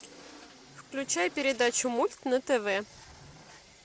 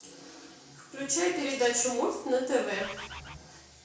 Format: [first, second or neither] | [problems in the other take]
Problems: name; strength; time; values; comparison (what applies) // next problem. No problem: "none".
first | background sound (Bird); 12 dB below the speech // room echo; dies away in 0.5 s